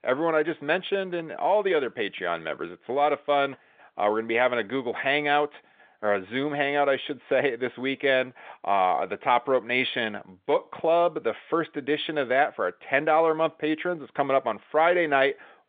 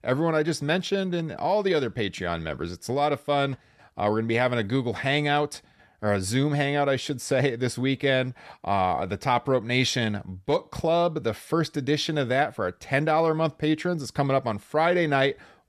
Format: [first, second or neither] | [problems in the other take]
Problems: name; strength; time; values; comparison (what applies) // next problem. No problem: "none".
second | phone-call audio; nothing above 3.5 kHz